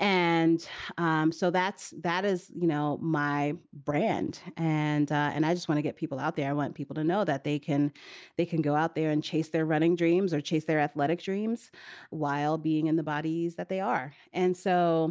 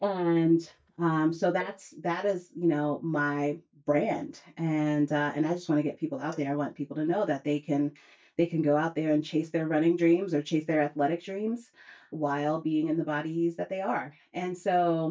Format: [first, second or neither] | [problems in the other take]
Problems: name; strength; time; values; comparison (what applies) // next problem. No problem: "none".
first | noise reduction (neural mask model DeepFilterNet 3)